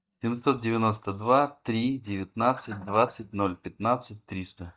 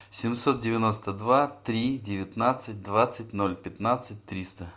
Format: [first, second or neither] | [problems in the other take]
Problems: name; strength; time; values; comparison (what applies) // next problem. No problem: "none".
second | noise reduction (neural mask model DeepFilterNet 3)